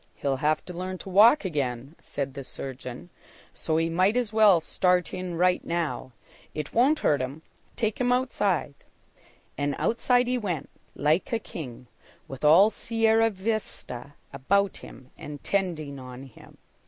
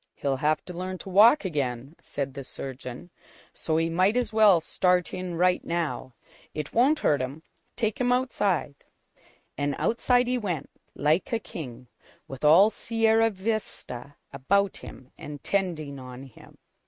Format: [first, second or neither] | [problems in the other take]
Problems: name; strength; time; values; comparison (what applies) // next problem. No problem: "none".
first | noise reduction (neural mask model RNNoise)